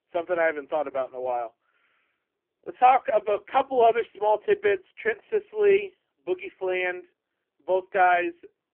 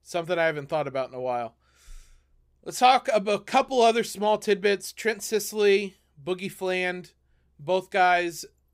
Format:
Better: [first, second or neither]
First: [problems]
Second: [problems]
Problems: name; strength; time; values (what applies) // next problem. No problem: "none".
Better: second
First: phone-call audio; poor line; nothing above 3 kHz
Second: none